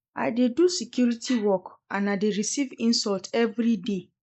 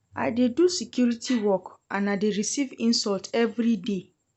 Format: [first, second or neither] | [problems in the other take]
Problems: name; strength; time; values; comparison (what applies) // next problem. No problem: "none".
second | noise reduction (neural mask model Resemble Enhance denoiser)